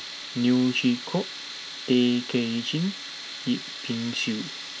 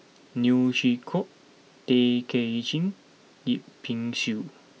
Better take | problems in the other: second | background sound (Tools); 11 dB below the speech

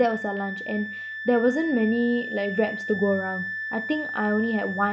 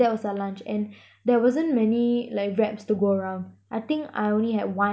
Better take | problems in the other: second | background sound (Wind instrument, woodwind instrument); 8 dB below the speech

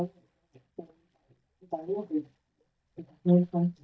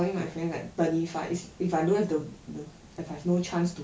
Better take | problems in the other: second | noise reduction (neural mask model DeepFilterNet 3)

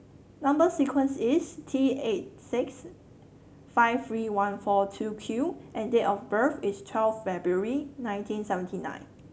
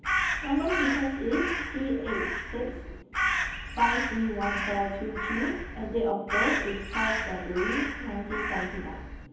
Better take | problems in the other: first | background sound (Crow); 1 dB below the speech // room echo; dies away in 1.3 s

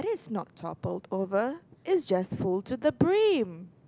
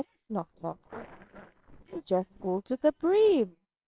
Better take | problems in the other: first | noise reduction (neural separator model SepFormer WHAMR!)

